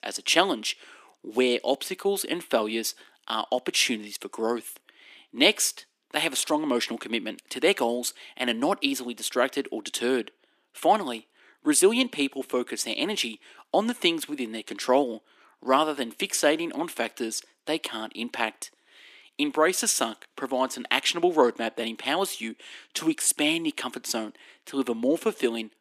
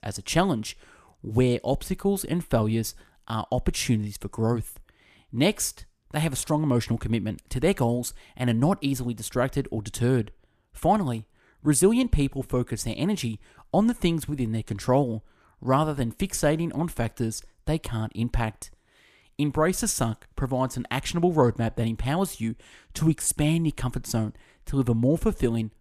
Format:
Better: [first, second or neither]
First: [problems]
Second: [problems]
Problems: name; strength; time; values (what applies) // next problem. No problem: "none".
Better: second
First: thin; somewhat; fading below 250 Hz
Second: none